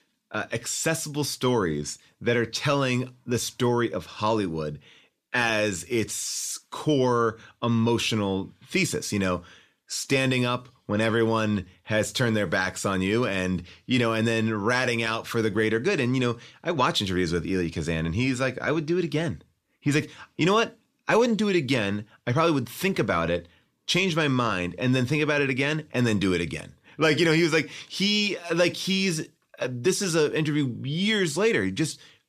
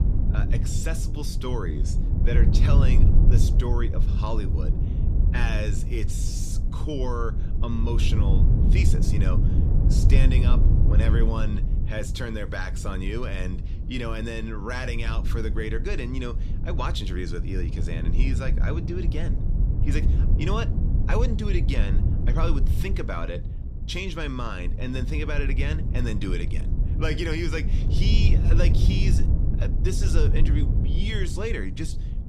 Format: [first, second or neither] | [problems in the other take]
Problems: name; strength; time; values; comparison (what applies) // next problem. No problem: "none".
first | low rumble; loud; throughout; 6 dB below the speech